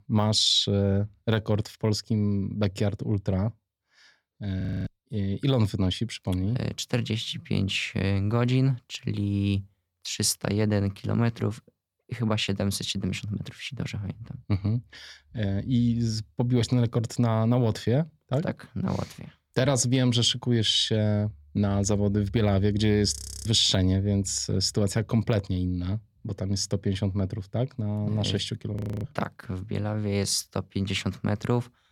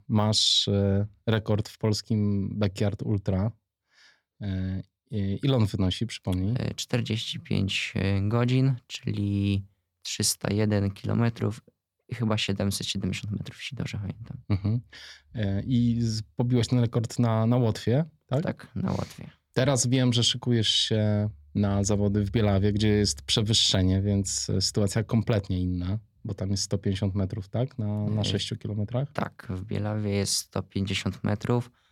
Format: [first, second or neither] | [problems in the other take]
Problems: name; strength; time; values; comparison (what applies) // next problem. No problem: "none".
second | audio freezing; at 4.5 s, at 23 s and at 29 s